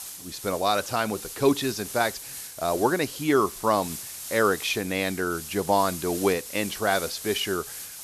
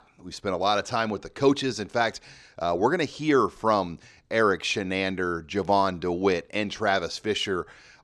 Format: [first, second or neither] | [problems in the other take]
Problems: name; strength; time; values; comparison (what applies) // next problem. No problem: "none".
second | hiss; loud; throughout; 10 dB below the speech